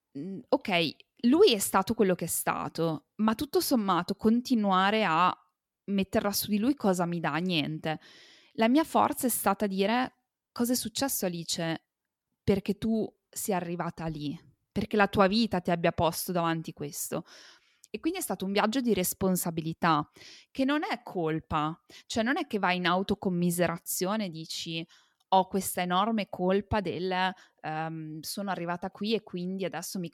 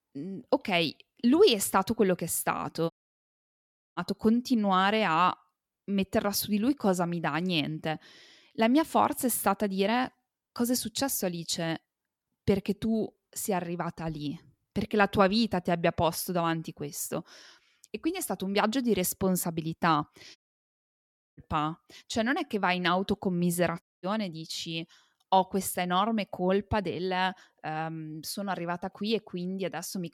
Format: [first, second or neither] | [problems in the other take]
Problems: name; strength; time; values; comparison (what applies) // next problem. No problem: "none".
first | audio cutting out; at 3 s for 1 s, at 20 s for 1 s and at 24 s